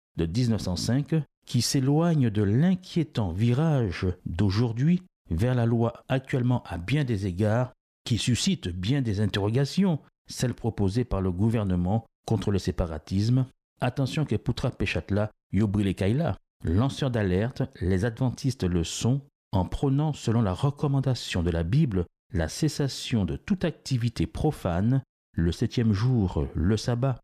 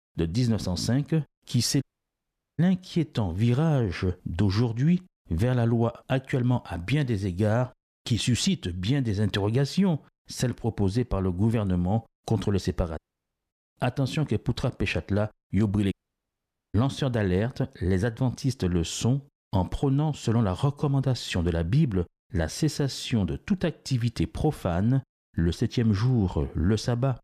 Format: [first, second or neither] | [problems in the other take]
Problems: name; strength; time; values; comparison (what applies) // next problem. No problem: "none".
first | audio cutting out; at 2 s for 1 s, at 13 s for 0.5 s and at 16 s for 1 s